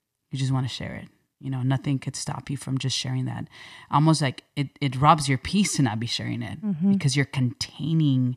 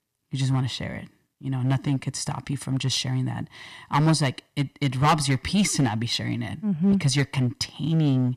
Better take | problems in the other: first | distortion; slight; 5% of the sound clipped

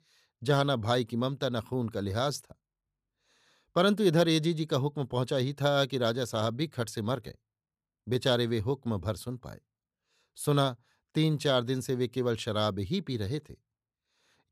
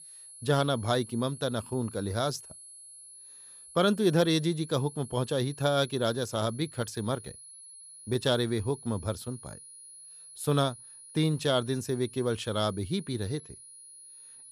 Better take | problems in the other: first | high-pitched whine; noticeable; throughout; 10.5 kHz, 15 dB below the speech

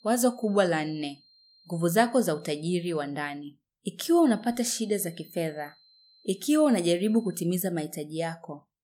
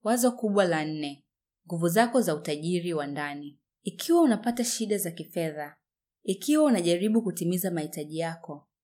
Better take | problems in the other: second | high-pitched whine; faint; until 3 s and from 4 to 7.5 s; 4 kHz, 30 dB below the speech

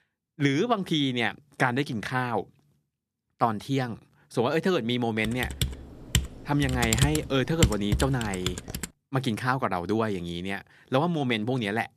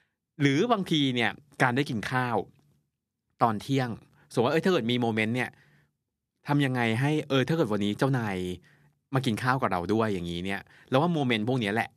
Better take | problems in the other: second | keyboard typing; loud; from 5 to 9 s; peak 2 dB above the speech

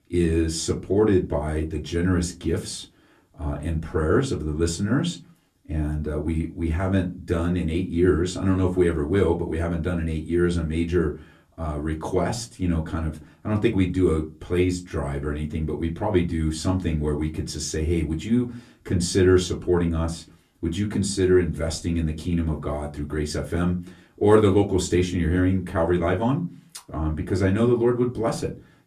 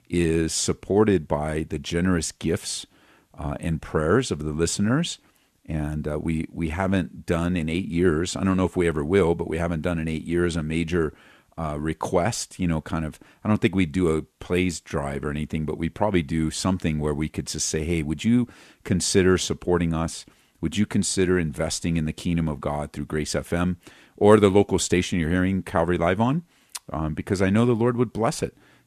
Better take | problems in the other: second | off-mic speech; far // room echo; very slight; dies away in 0.2 s

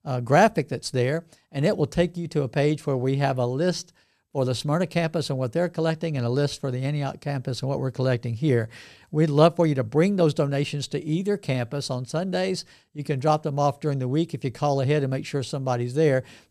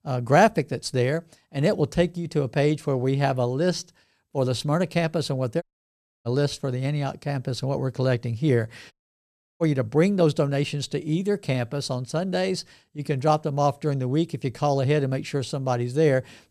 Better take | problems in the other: first | audio cutting out; at 5.5 s for 0.5 s and at 9 s for 0.5 s

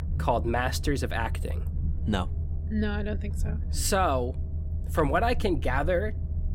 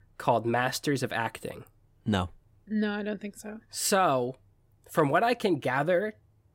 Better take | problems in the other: second | low rumble; noticeable; throughout; 20 dB below the speech

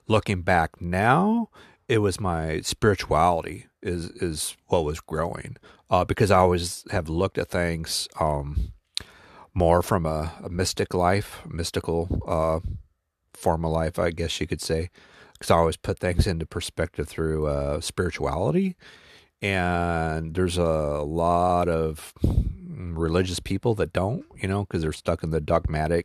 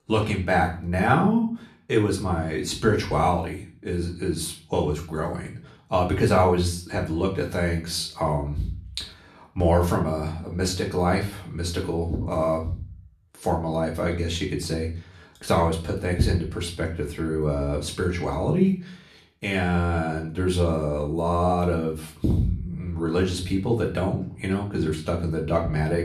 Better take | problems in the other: first | room echo; slight; dies away in 0.4 s // off-mic speech; far

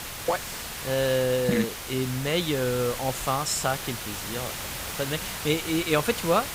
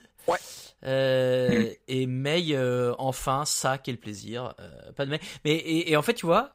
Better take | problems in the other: second | hiss; loud; throughout; 6 dB below the speech

